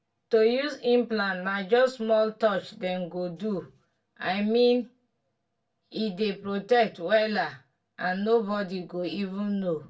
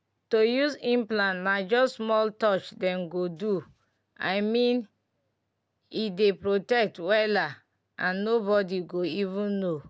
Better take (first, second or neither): second